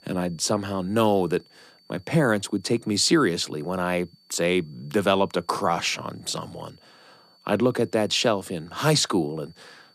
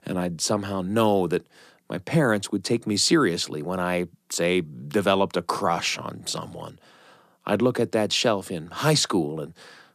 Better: second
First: high-pitched whine; faint; throughout; 4.5 kHz, 30 dB below the speech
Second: none

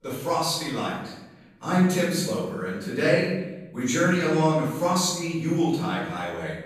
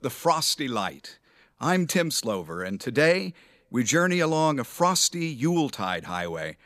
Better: second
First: off-mic speech; far // room echo; noticeable; dies away in 0.9 s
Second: none

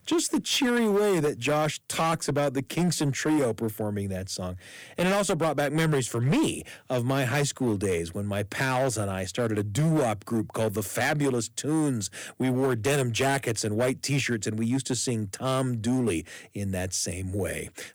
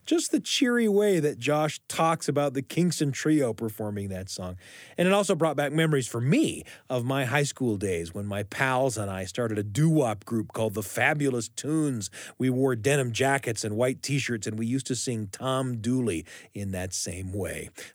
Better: second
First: distortion; slight; 10% of the sound clipped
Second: none

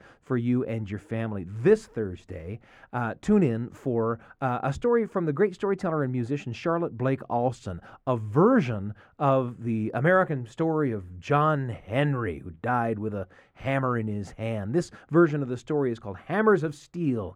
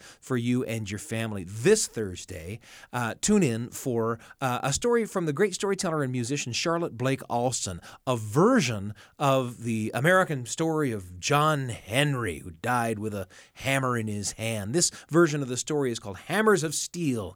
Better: second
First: muffled; very; fading above 3 kHz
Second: none

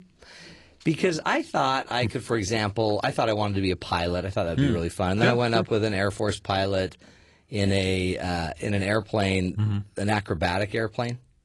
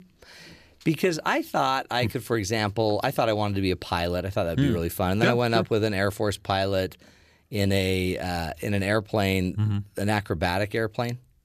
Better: second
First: garbled, watery; slightly; nothing above 10.5 kHz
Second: none

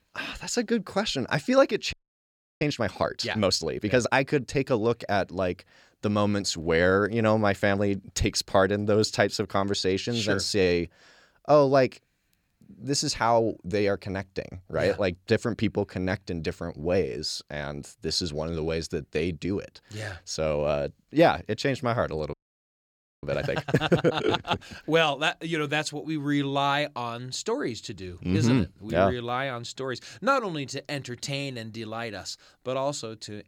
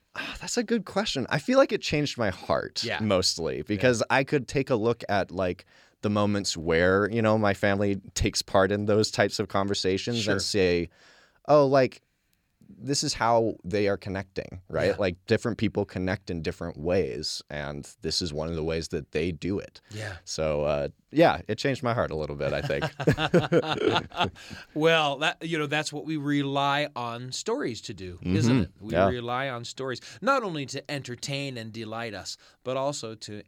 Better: second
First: audio freezing; at 2 s for 0.5 s and at 22 s for 1 s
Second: none

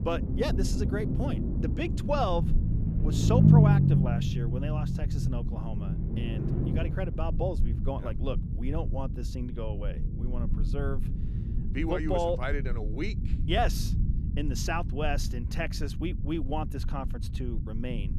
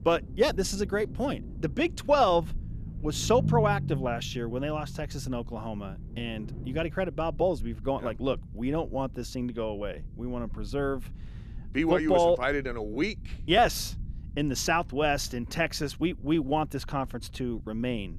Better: second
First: low rumble; loud; throughout; 5 dB below the speech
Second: low rumble; faint; throughout; 20 dB below the speech

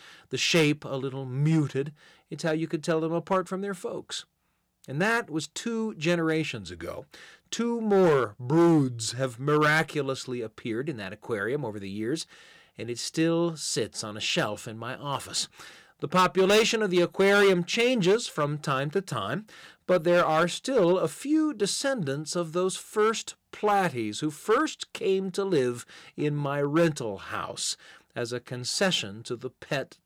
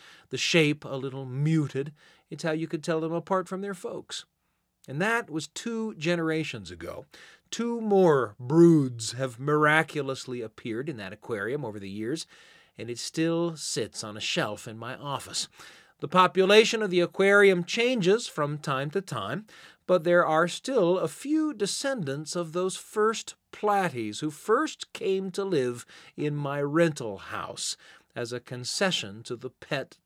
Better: second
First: distortion; slight; 3% of the sound clipped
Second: none

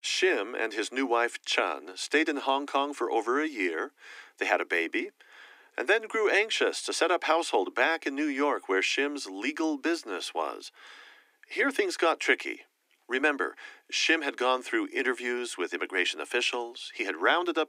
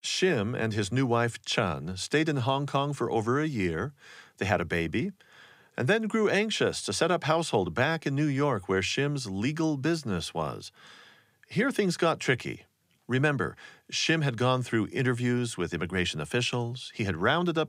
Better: second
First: thin; somewhat; fading below 250 Hz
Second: none

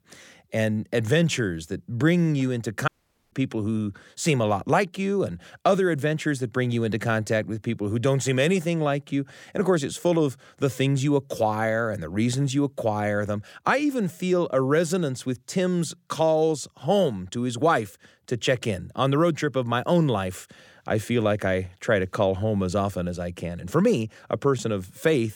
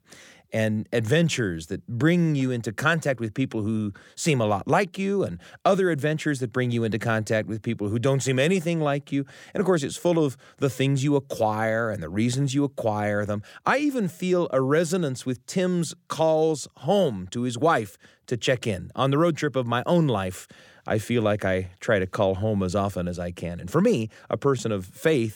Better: second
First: audio cutting out; at 3 s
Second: none

